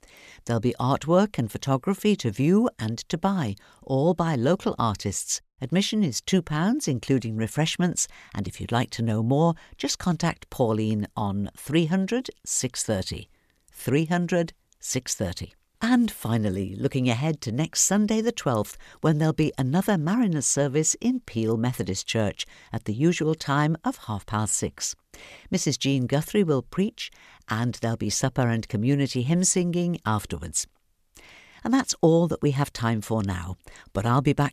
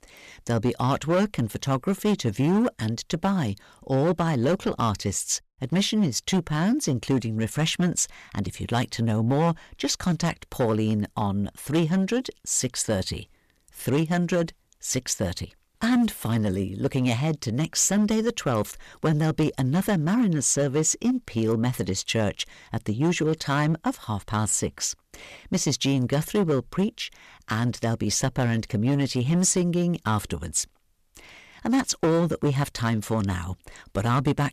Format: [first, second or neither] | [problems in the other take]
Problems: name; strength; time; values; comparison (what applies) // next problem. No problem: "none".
first | distortion; slight; 6% of the sound clipped